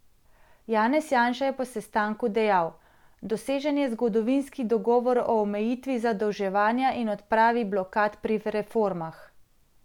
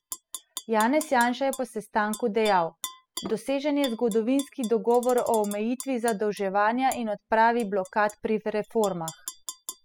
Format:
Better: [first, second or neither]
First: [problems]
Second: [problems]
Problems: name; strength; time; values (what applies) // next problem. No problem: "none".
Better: first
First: none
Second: noise reduction (classical method spectral subtraction)